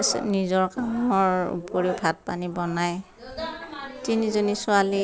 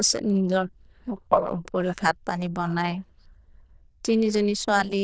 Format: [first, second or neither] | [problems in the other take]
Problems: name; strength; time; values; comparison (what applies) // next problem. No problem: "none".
first | noise reduction (neural diffusion model UNIVERSE++)